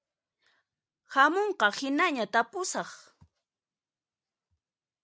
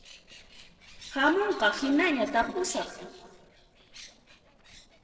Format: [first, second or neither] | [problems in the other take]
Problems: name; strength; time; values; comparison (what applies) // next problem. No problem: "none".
first | noise reduction (neural separator model SepFormer DNS4)